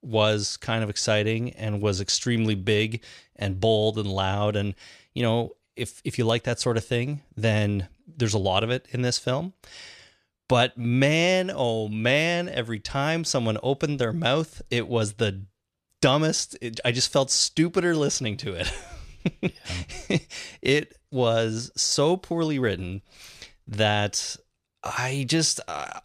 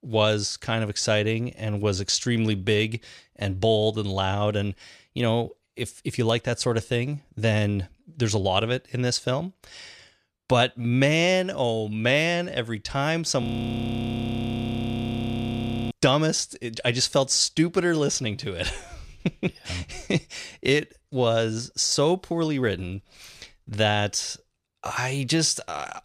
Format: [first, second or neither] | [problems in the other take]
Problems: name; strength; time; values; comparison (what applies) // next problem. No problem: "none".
first | audio freezing; at 13 s for 2.5 s